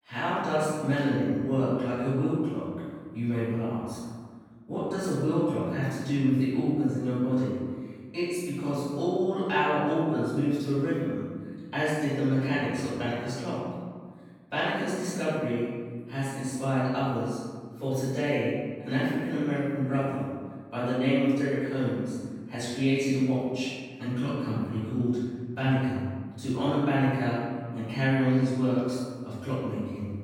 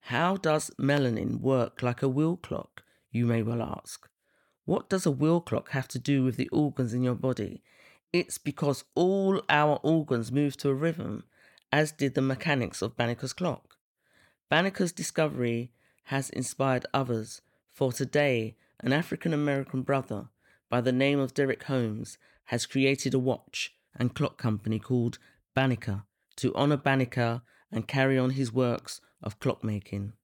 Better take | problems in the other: second | room echo; strong; dies away in 1.5 s // off-mic speech; far

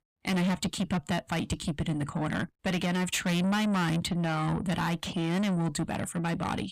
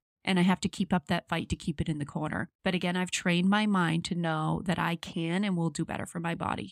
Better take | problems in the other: second | distortion; heavy; 7 dB below the speech

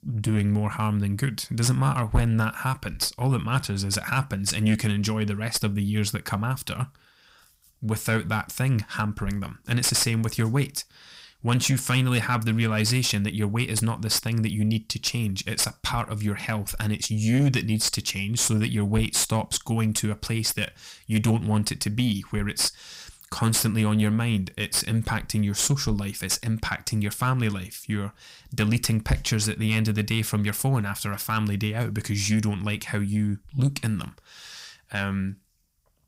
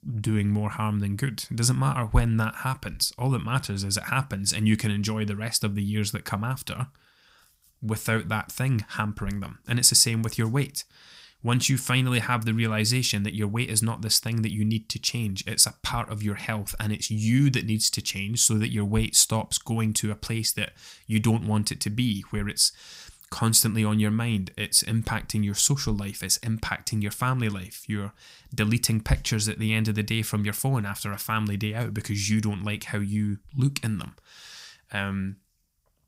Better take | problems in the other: second | distortion; slight; 10 dB below the speech

